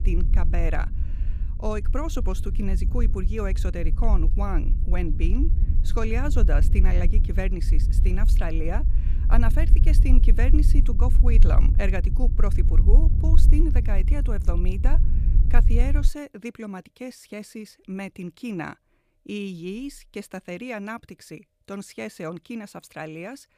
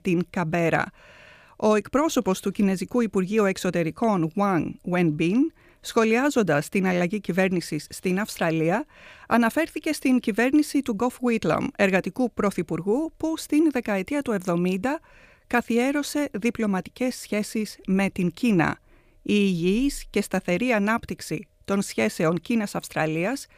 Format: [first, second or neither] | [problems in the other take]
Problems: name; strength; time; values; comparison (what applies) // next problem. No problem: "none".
second | low rumble; loud; until 16 s; 9 dB below the speech